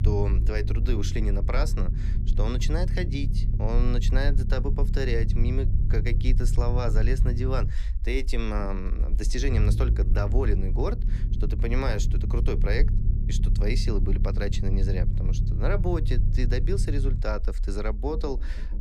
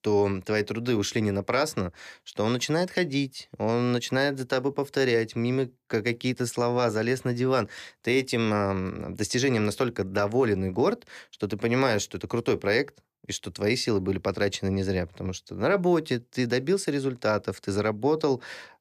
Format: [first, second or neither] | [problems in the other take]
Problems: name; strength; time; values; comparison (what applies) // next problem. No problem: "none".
second | low rumble; loud; throughout; 9 dB below the speech